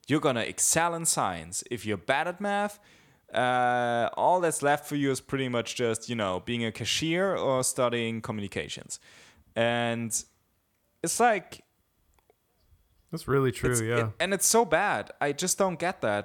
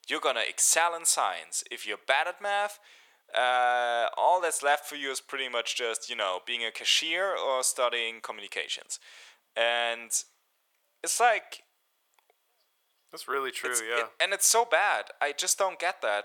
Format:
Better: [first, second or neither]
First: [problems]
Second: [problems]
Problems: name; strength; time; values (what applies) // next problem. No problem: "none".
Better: first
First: none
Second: thin; very; fading below 550 Hz